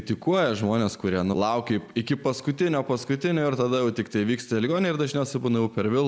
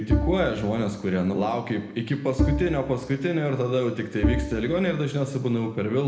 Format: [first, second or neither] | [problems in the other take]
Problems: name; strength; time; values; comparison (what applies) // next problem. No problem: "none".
first | background sound (Bowed string instrument); 4 dB below the speech // room echo; dies away in 0.9 s